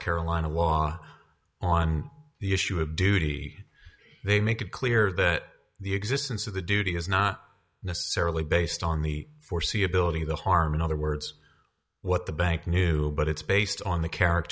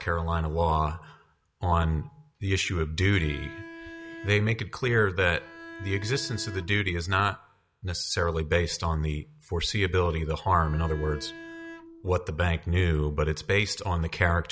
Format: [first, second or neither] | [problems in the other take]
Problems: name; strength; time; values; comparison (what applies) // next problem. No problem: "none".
first | background sound (Bowed string instrument); 17 dB below the speech